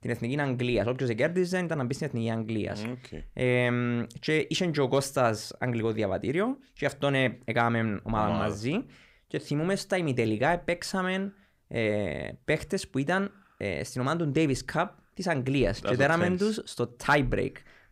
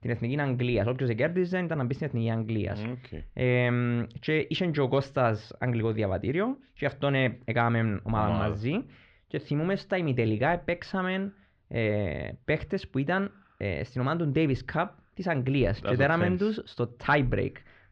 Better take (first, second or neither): first